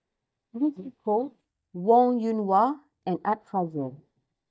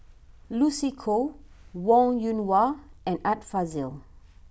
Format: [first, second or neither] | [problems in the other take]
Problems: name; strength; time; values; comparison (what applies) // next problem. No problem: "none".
second | noise reduction (neural mask model DeepFilterNet 3)